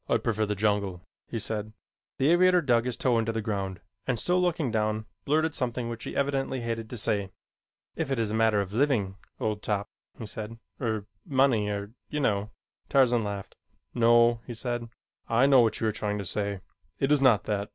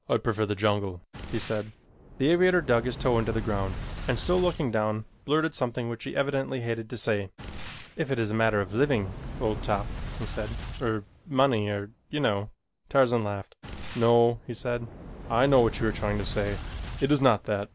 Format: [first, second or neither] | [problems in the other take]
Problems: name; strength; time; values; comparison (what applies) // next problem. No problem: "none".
first | background sound (Boom); 12 dB below the speech